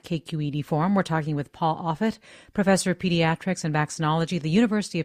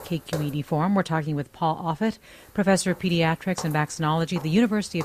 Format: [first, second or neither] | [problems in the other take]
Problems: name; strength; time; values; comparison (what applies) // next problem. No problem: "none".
first | footsteps; faint; peak 10 dB below the speech